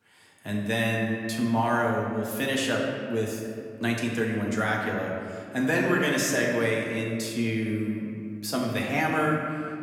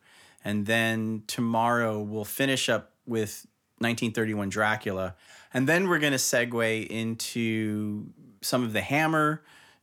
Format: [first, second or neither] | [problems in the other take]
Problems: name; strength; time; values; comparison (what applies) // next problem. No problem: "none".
second | room echo; noticeable; dies away in 2 s // off-mic speech; somewhat distant